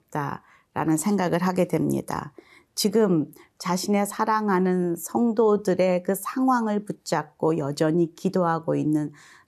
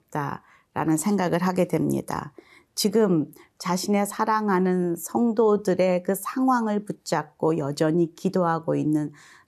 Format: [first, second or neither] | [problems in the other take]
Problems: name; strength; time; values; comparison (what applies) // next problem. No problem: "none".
neither | none